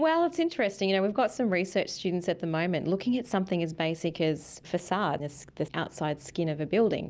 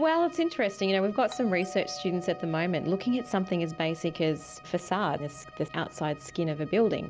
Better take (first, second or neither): first